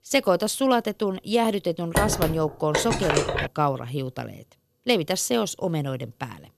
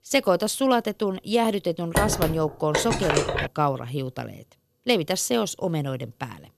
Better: neither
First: phone ringing; loud; from 2 to 3.5 s; peak 1 dB above the speech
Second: phone ringing; loud; from 2 to 3.5 s; peak 1 dB above the speech

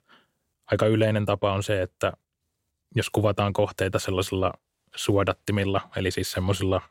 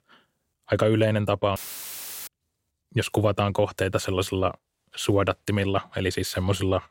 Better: first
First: none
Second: audio cutting out; filled with static; at 1.5 s for 0.5 s

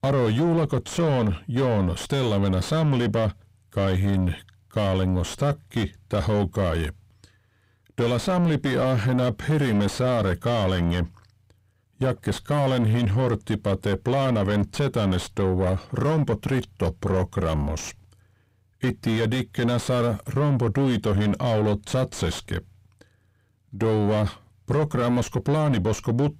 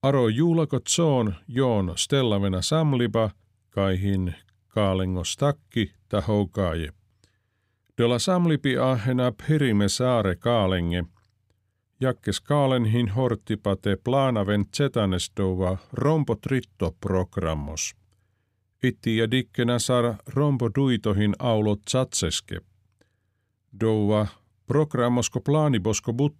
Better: second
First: distortion; heavy; 7 dB below the speech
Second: none

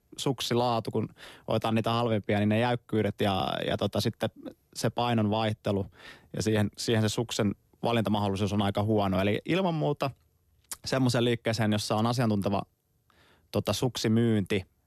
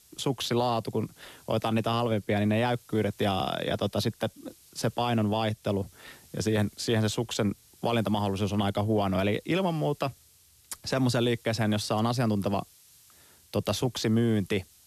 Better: first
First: none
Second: hiss; faint; throughout; 25 dB below the speech

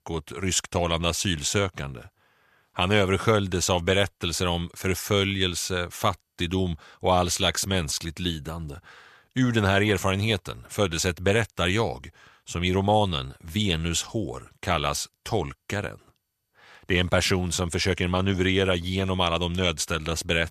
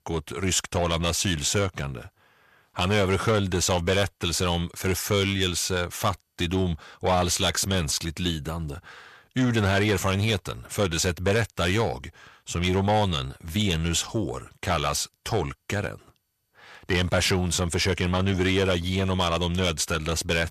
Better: first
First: none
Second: distortion; slight; 10 dB below the speech

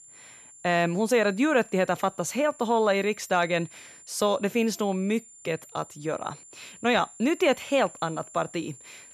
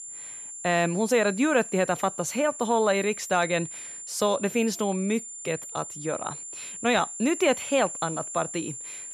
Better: first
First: high-pitched whine; faint; throughout; 7.5 kHz, 20 dB below the speech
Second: high-pitched whine; loud; throughout; 7.5 kHz, 9 dB below the speech

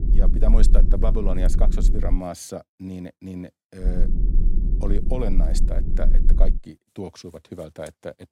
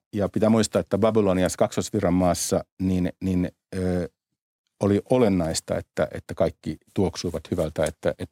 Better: second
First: low rumble; loud; until 2 s and from 4 to 6.5 s; 7 dB below the speech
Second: none

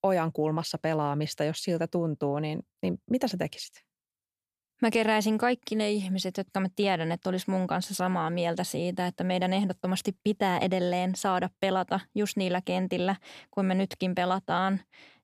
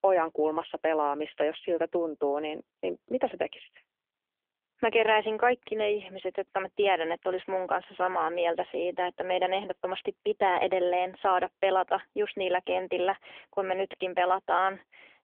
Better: first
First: none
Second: phone-call audio; nothing above 3.5 kHz

